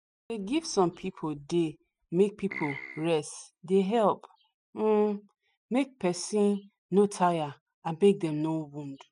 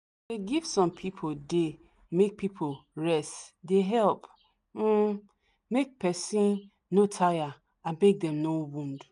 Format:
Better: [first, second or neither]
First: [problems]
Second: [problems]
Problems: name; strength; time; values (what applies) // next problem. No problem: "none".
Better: second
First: noise reduction (classical method spectral subtraction)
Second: none